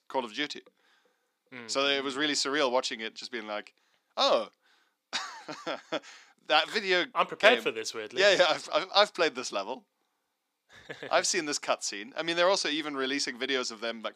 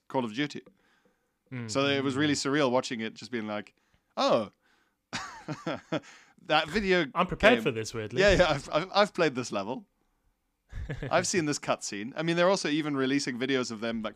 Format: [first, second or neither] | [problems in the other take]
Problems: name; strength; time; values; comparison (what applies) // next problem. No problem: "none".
second | thin; somewhat; fading below 400 Hz